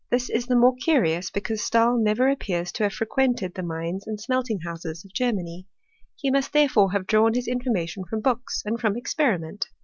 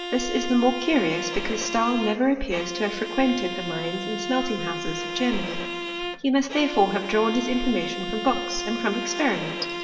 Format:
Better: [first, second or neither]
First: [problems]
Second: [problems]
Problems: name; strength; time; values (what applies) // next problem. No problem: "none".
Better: first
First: none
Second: background sound (Bowed string instrument); 7 dB below the speech // room echo; dies away in 2.9 s